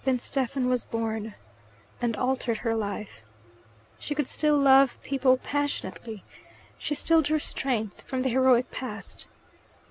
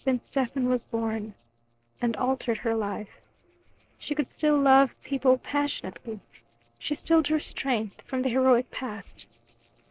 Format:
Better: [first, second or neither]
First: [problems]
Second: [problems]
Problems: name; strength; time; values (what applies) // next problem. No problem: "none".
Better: first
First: none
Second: noise reduction (neural separator model SepFormer DNS4)